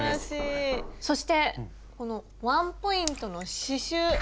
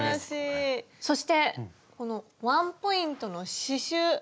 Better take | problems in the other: second | background sound (Knock + Raindrop / Splash, splatter); 10 dB below the speech

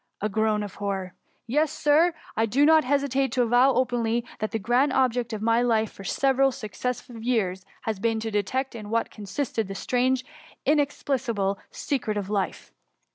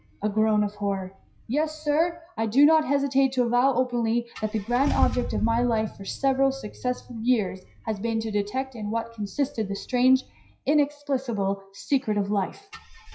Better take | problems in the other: first | noise reduction (classical method WPE with log-MMSE)

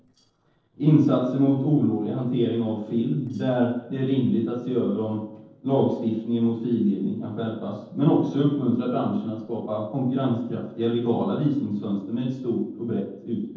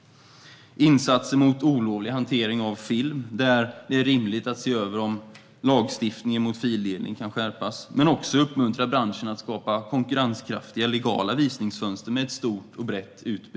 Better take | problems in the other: second | noise reduction (neural separator model SepFormer DNS4)

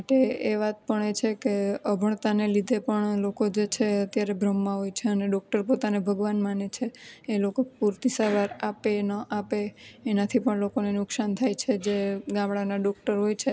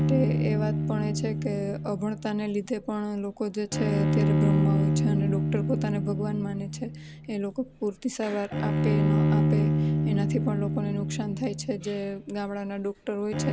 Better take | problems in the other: first | background sound (Bowed string instrument); 4 dB above the speech

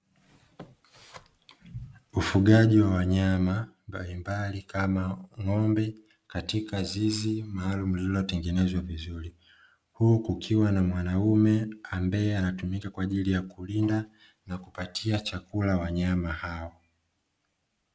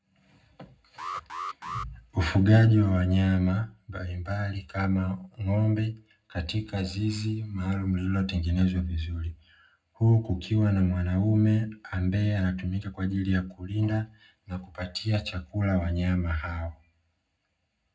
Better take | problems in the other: first | background sound (Alarm); 12 dB below the speech // room echo; dies away in 0.3 s

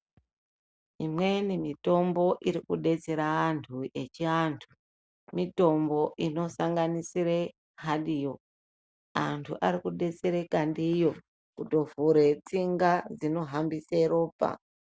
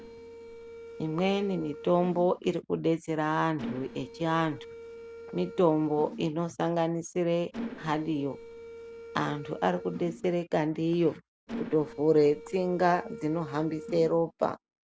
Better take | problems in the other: first | background sound (Mechanisms); 15 dB below the speech

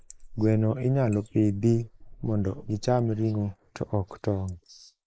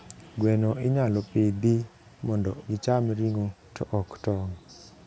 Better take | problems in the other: second | noise reduction (neural mask model Resemble Enhance denoiser)

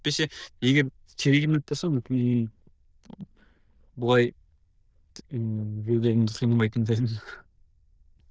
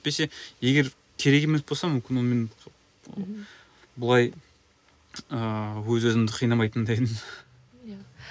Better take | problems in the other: second | noise reduction (neural diffusion model UNIVERSE++)

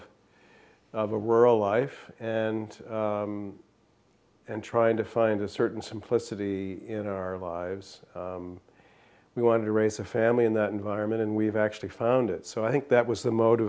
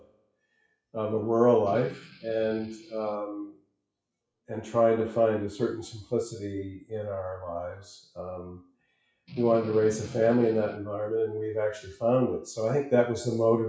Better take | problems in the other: first | noise reduction (classical method WPE with log-MMSE)

